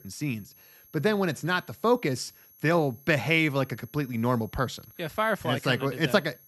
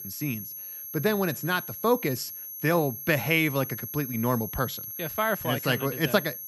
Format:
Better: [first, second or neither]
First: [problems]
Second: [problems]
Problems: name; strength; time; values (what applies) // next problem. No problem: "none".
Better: first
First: high-pitched whine; faint; throughout; 11.5 kHz, 25 dB below the speech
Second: high-pitched whine; loud; throughout; 11.5 kHz, 8 dB below the speech